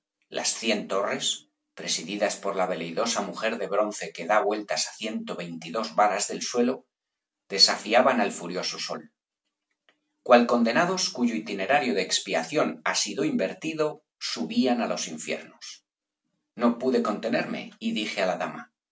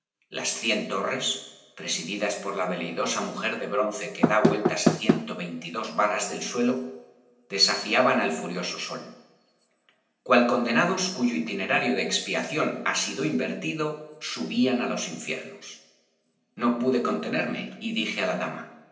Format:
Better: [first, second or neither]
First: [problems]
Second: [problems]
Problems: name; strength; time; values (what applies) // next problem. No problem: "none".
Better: first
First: none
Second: background sound (Knock / Wood); 4 dB above the speech // room echo; dies away in 0.9 s